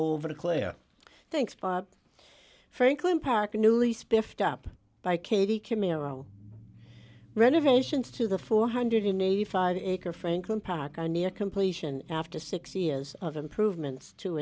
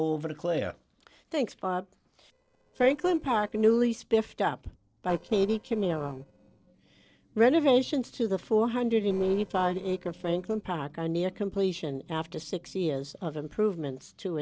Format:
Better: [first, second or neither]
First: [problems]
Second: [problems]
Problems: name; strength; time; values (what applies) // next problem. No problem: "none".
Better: first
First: none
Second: noise reduction (neural separator model SepFormer DNS4)